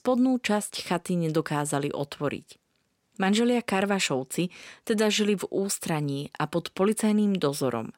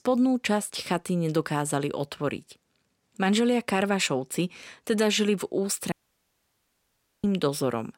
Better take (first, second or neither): first